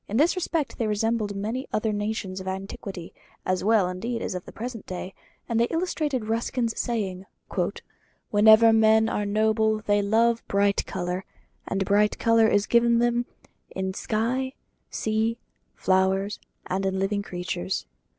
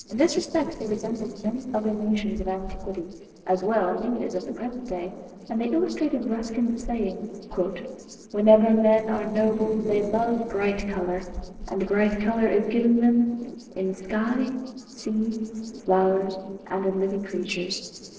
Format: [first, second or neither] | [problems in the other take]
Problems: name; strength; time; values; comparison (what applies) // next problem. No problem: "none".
first | noise reduction (neural separator model SepFormer DNS4)